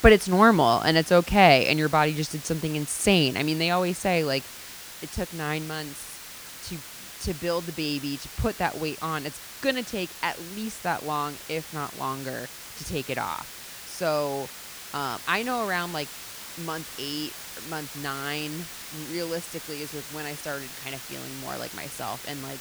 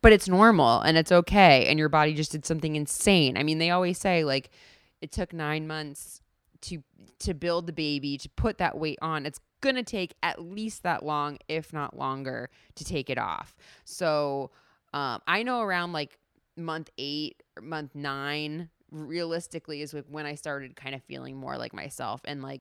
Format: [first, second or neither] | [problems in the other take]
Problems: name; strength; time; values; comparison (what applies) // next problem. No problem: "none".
second | hiss; noticeable; throughout; 10 dB below the speech